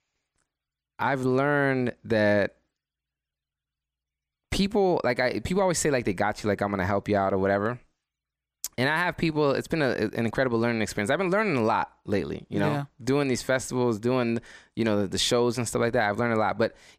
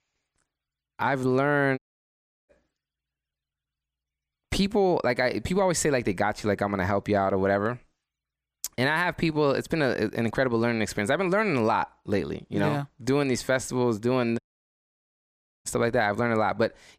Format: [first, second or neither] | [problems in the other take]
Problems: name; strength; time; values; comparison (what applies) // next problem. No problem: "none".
first | audio cutting out; at 2 s for 0.5 s and at 14 s for 1.5 s